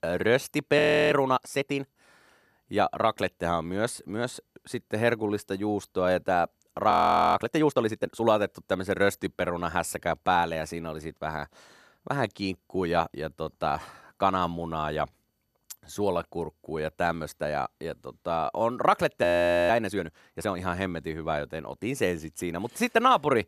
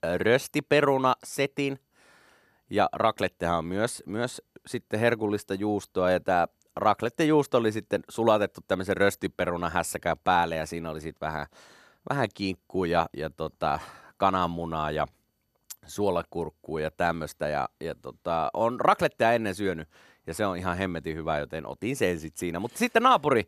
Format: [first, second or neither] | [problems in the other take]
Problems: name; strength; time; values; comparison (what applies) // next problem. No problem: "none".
second | audio freezing; at 1 s, at 7 s and at 19 s